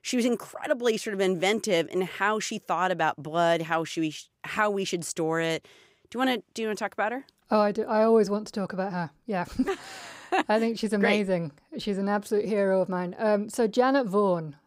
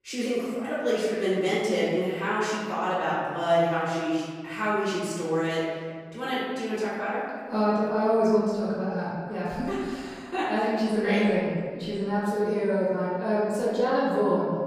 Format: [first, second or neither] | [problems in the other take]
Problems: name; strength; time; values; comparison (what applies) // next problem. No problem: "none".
first | off-mic speech; far // room echo; strong; dies away in 1.7 s